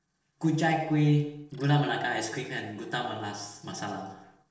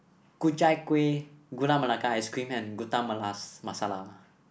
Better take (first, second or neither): second